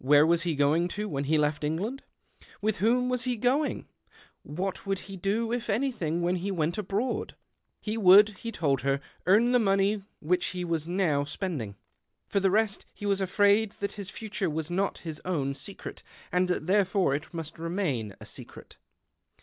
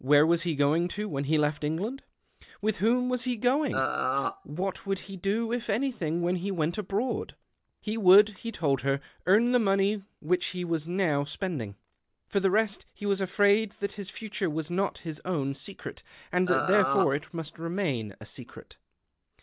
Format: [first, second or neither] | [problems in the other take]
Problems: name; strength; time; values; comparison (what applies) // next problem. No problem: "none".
first | background sound (Burping, eructation); 2 dB below the speech